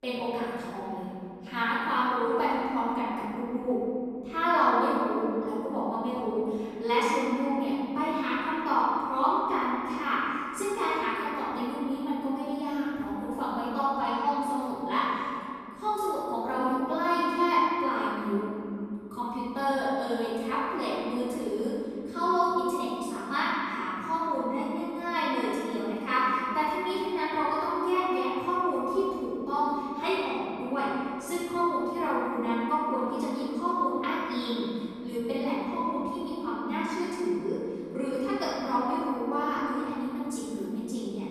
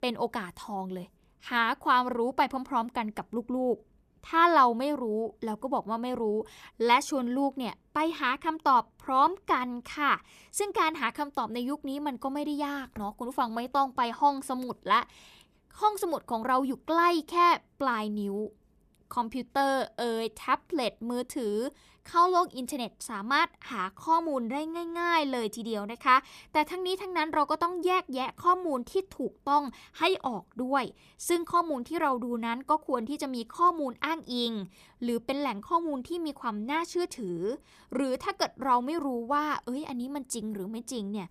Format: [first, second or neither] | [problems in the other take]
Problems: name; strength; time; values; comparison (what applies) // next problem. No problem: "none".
second | room echo; strong; dies away in 2.8 s // off-mic speech; far